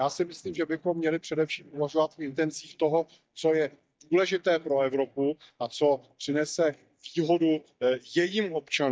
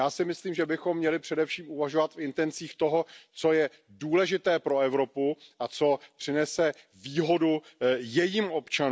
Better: second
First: noise reduction (neural mask model DeepFilterNet 3)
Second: none

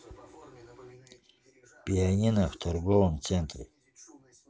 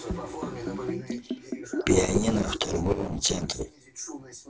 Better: first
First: none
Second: noise reduction (neural separator model SepFormer DNS4)

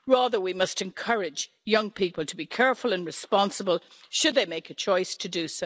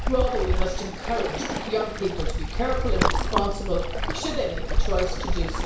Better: first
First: none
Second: background sound (Waves, surf); 4 dB above the speech // room echo; dies away in 0.6 s

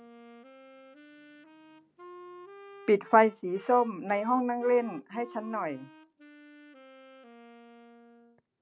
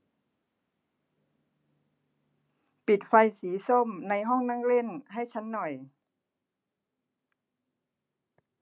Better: second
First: background sound (Wind instrument, woodwind instrument); 20 dB below the speech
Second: none

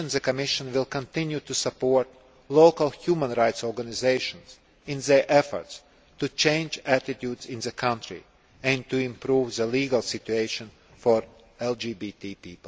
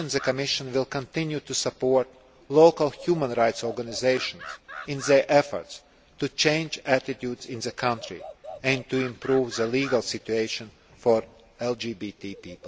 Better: first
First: none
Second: background sound (Animal); 19 dB below the speech

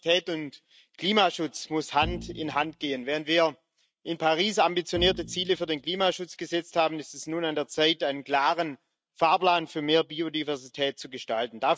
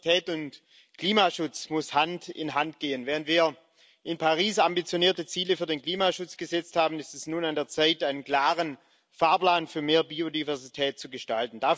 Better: second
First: noise reduction (neural mask model RNNoise)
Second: none

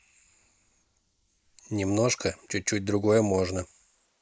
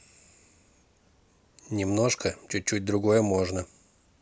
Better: second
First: noise reduction (neural mask model Resemble Enhance denoiser)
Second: none

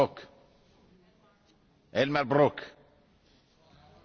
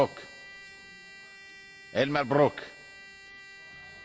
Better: first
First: none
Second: background sound (Trumpet); 17 dB below the speech

